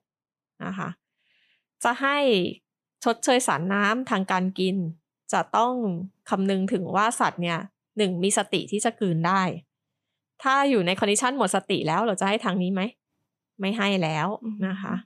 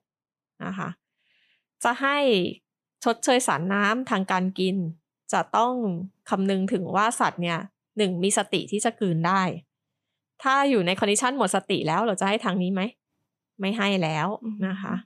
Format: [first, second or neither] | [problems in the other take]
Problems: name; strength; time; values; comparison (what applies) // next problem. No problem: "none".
neither | none